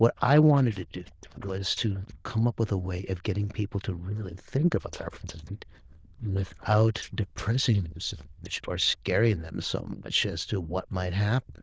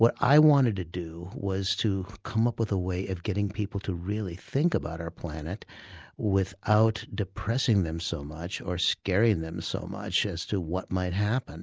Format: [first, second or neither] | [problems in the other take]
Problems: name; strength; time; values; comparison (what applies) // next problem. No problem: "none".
second | noise reduction (neural diffusion model UNIVERSE++)